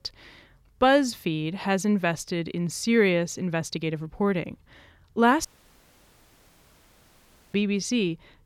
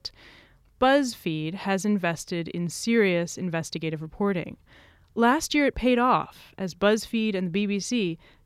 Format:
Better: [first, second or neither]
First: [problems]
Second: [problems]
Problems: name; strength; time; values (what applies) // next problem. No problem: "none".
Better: second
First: audio cutting out; at 5.5 s for 2 s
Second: none